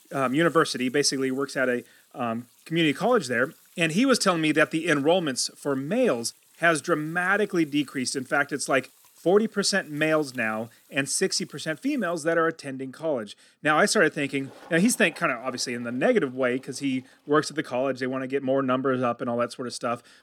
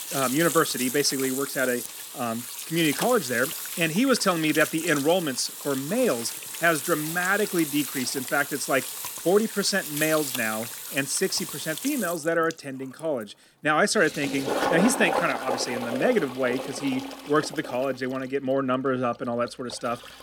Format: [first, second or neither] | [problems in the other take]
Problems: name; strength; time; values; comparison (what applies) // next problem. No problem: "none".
first | household noises; loud; throughout; 6 dB below the speech; faint in the first